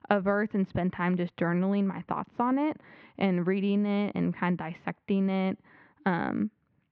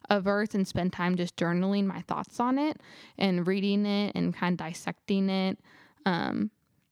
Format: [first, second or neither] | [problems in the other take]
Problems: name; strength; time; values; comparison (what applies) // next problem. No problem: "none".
second | muffled; very; fading above 2.5 kHz